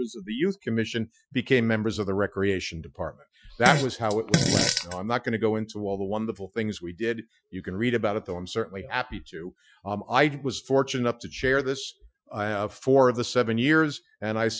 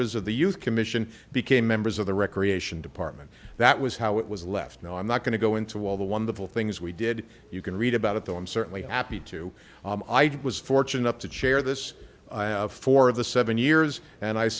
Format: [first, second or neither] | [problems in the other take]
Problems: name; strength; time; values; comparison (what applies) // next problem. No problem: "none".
second | noise reduction (classical method Wiener filter)